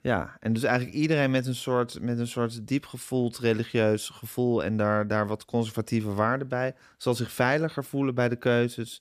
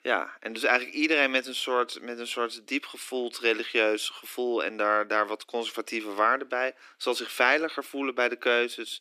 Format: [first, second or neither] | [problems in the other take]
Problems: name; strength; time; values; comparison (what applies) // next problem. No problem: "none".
first | thin; somewhat; fading below 300 Hz